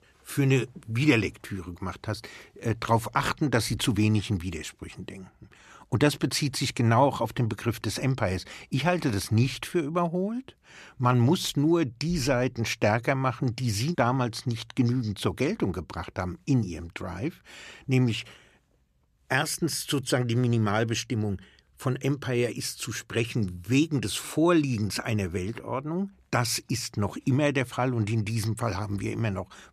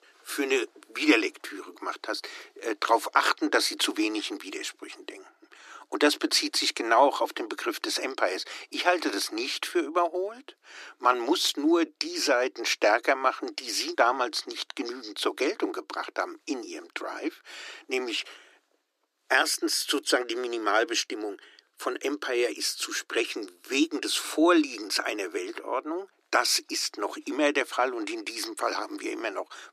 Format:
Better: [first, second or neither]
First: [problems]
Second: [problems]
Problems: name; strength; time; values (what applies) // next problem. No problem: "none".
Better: first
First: none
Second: thin; very; fading below 300 Hz